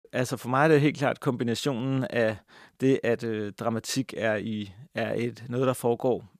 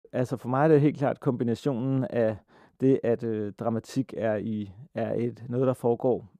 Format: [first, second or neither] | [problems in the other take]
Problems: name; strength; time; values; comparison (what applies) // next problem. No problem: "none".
first | muffled; slightly; fading above 1.5 kHz